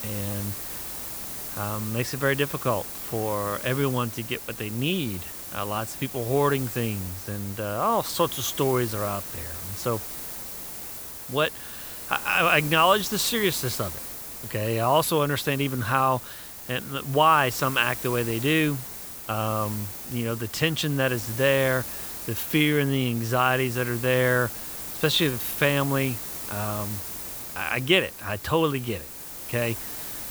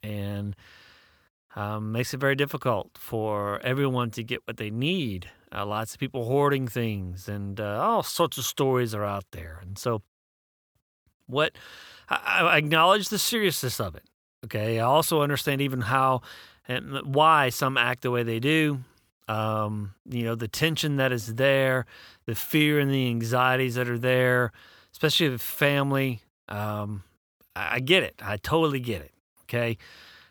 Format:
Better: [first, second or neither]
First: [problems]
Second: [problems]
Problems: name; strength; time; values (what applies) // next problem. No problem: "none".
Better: second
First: hiss; loud; throughout; 8 dB below the speech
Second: none